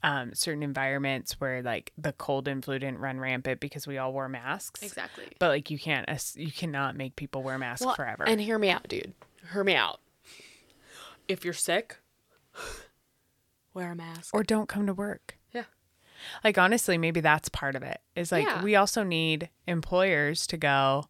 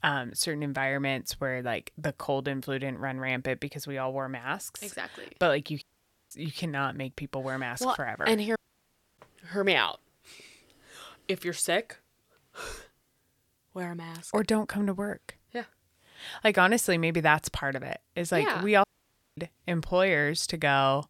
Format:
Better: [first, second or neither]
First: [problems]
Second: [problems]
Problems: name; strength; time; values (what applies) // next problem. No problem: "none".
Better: first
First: none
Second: audio cutting out; at 6 s, at 8.5 s for 0.5 s and at 19 s for 0.5 s